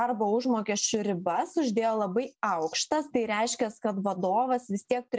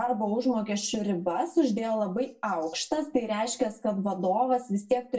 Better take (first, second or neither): first